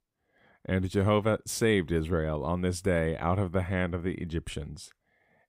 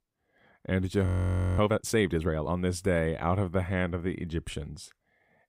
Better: first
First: none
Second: audio freezing; at 1 s for 0.5 s

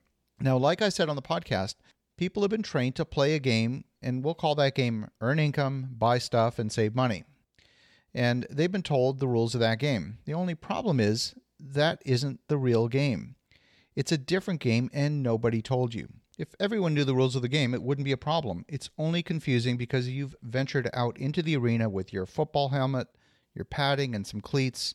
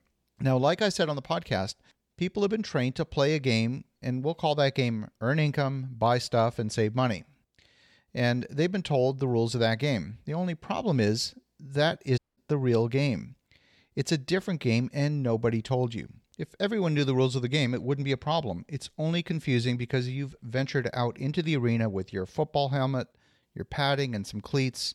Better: first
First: none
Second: audio cutting out; at 12 s

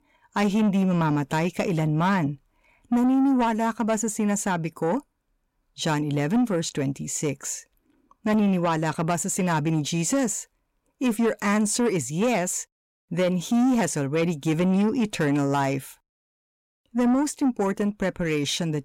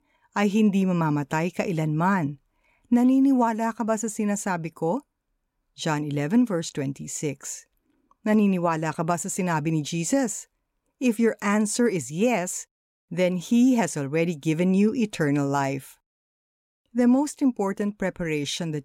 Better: second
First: distortion; slight; 10 dB below the speech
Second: none

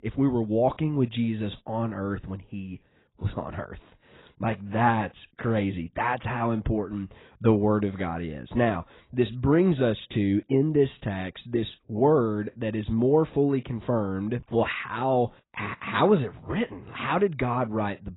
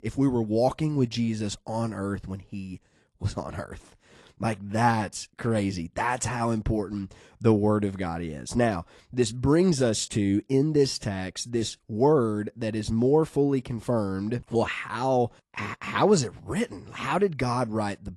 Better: second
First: garbled, watery; badly; nothing above 4 kHz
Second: garbled, watery; slightly

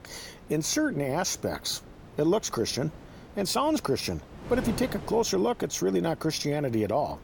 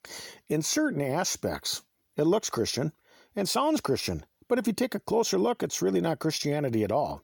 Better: second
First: wind noise on the microphone; occasional gusts; 20 dB below the speech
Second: none

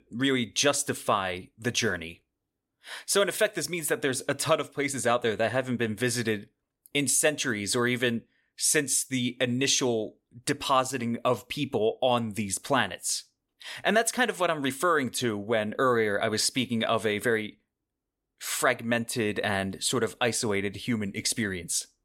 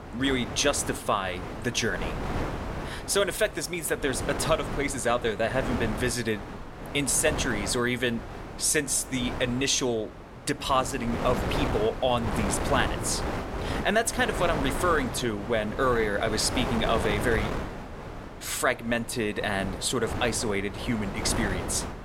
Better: first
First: none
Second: wind noise on the microphone; heavy; 8 dB below the speech

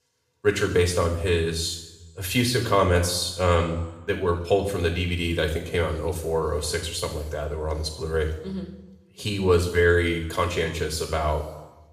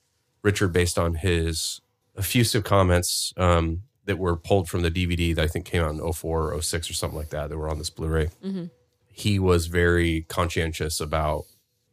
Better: second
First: room echo; slight; dies away in 0.8 s // off-mic speech; somewhat distant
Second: none

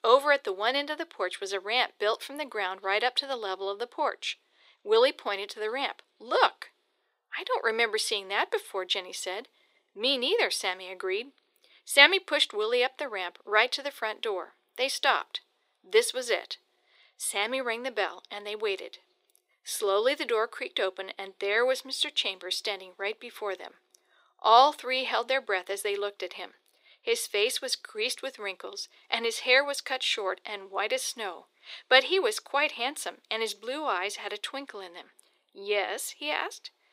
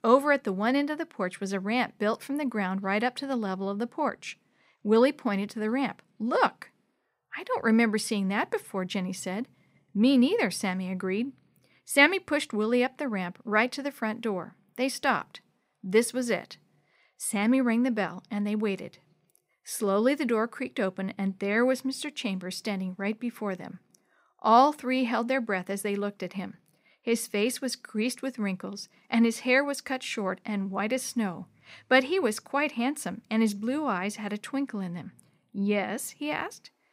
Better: second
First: thin; very; fading below 350 Hz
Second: none

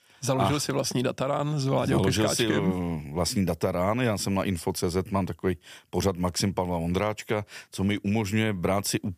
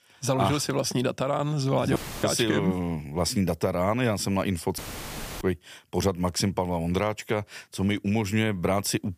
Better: first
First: none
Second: audio cutting out; filled with static; at 2 s and at 5 s for 0.5 s

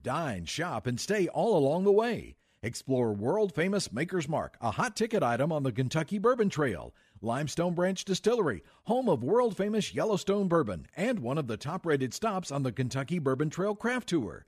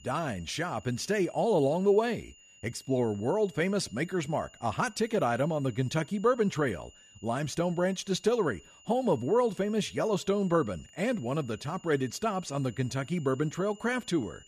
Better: first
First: none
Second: high-pitched whine; faint; throughout; 3 kHz, 25 dB below the speech

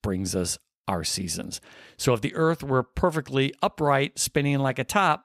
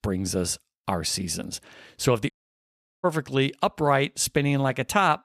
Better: first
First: none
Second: audio cutting out; at 2.5 s for 0.5 s

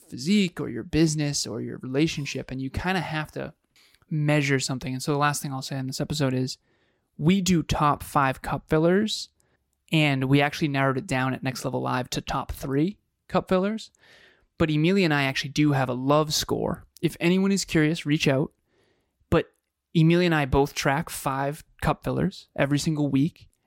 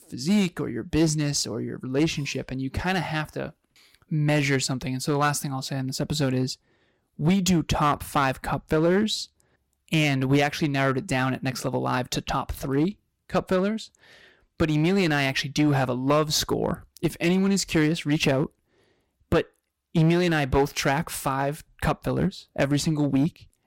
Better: first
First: none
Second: distortion; slight; 4% of the sound clipped

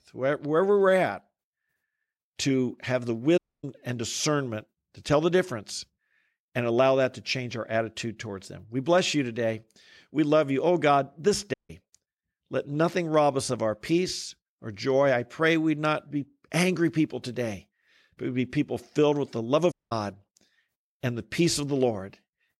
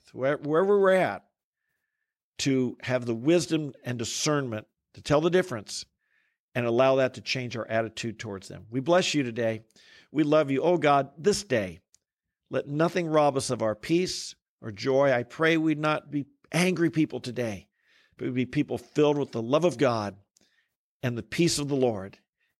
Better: second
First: audio cutting out; at 3.5 s, at 12 s and at 20 s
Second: none

